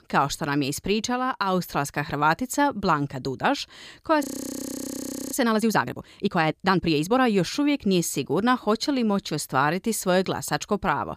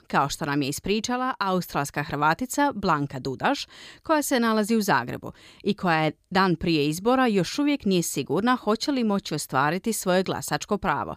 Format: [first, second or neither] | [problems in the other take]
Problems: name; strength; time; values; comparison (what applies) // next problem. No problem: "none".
second | audio freezing; at 4 s for 1 s